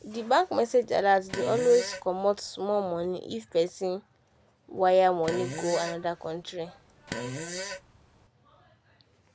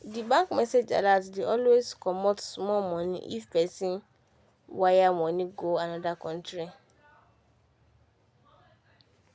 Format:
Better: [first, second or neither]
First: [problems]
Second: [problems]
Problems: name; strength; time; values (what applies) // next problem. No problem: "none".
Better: second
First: background sound (Fart); 11 dB below the speech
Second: none